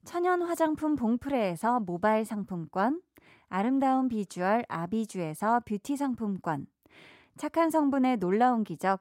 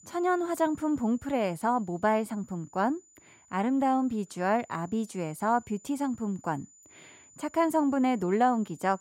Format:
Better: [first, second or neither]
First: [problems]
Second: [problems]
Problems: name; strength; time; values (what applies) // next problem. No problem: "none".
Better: first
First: none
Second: high-pitched whine; faint; throughout; 7 kHz, 25 dB below the speech